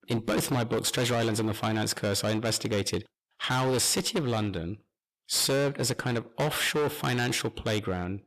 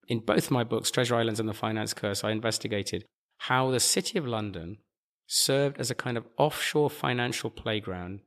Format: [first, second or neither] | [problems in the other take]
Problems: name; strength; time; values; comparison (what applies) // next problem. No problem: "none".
second | distortion; heavy; 18% of the sound clipped